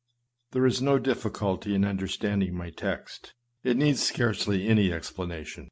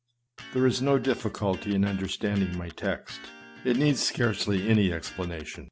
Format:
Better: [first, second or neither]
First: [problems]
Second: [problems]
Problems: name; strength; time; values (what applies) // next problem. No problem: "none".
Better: first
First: none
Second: background sound (Electric guitar); 19 dB below the speech